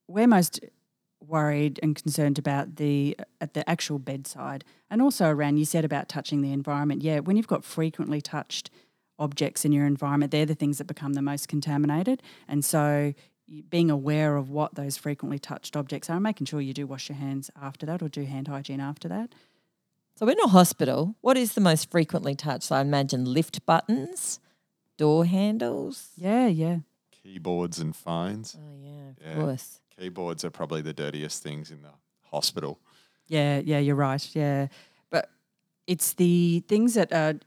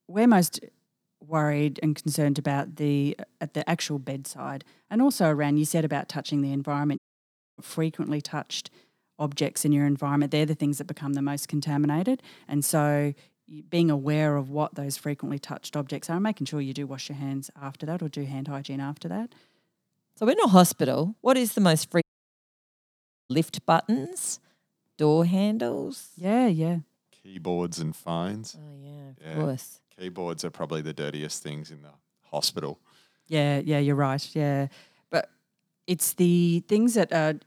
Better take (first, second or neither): first